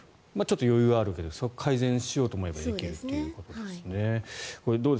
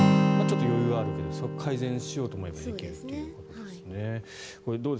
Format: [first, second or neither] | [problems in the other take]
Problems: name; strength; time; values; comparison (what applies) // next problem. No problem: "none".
first | background sound (Acoustic guitar); 4 dB above the speech